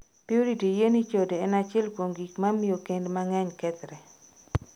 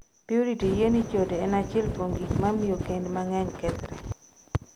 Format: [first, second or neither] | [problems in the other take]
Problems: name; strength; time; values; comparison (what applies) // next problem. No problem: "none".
first | background sound (Wind); 5 dB below the speech